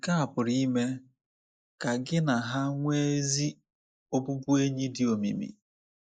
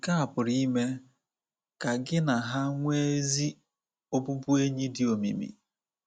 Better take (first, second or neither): second